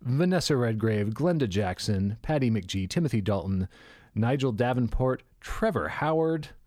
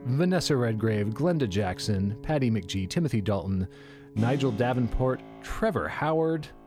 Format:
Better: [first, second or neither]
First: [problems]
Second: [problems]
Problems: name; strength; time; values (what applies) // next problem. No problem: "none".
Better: first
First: none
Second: background music; noticeable; throughout; 15 dB below the speech